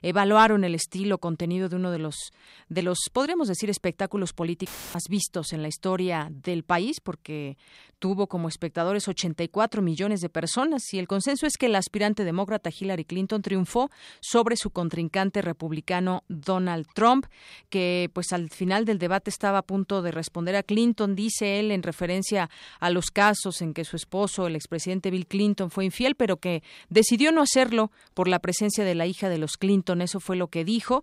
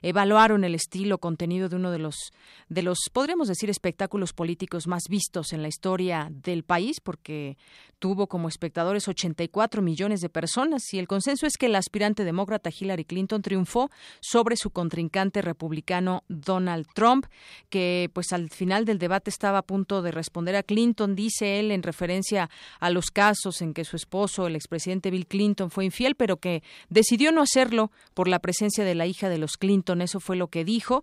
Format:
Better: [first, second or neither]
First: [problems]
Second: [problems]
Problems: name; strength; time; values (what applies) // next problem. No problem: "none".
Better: second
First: audio cutting out; filled with static; at 4.5 s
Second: none